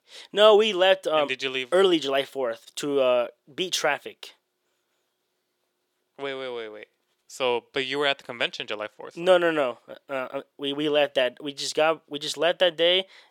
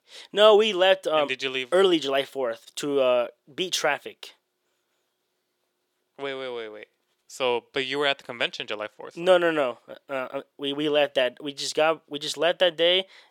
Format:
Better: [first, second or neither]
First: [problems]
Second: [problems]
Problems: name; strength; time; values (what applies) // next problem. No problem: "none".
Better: neither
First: thin; somewhat; fading below 450 Hz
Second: thin; somewhat; fading below 450 Hz